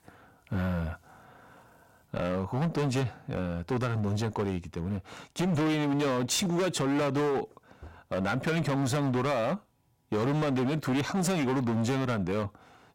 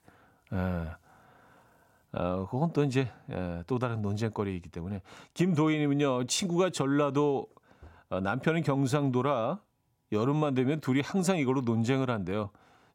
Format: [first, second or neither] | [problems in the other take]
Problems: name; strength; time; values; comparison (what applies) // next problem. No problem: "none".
second | distortion; heavy; 20% of the sound clipped